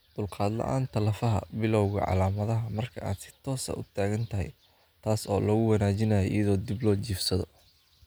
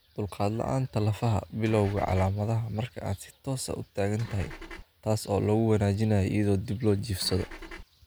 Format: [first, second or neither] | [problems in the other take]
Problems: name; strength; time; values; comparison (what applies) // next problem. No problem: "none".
first | background sound (Engine / Car); 14 dB below the speech